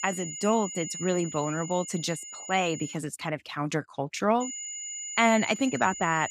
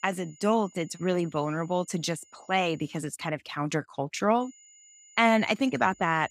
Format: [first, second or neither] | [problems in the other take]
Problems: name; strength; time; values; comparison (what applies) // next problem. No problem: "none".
second | high-pitched whine; loud; until 3 s and from 4.5 s on; 7 kHz, 8 dB below the speech; faint in the second